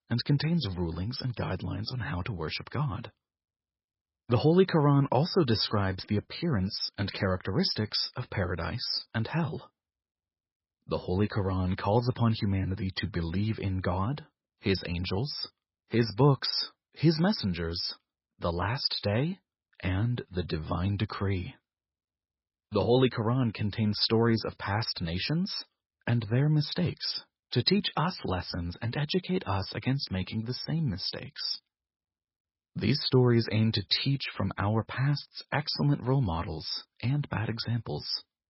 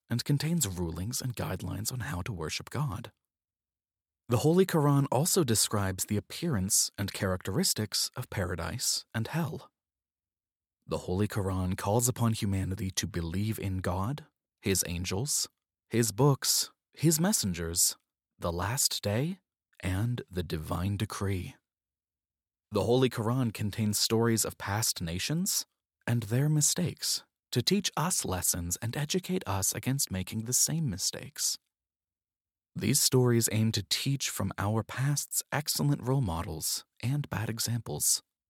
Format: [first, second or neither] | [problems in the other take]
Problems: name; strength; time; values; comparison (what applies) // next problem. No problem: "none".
second | garbled, watery; badly; nothing above 5.5 kHz